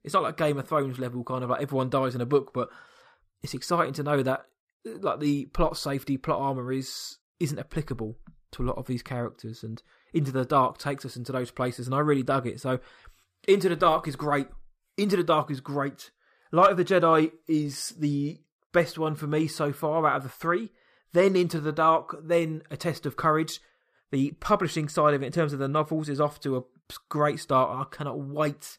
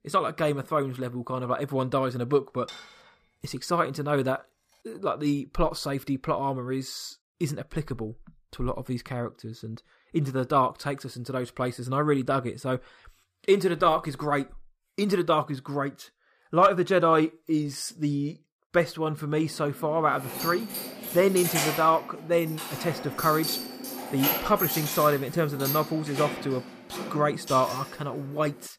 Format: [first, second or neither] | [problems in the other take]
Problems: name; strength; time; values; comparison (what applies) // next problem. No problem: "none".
first | clattering dishes; faint; at 2.5 s; peak 15 dB below the speech // jangling keys; loud; from 20 to 28 s; peak 1 dB above the speech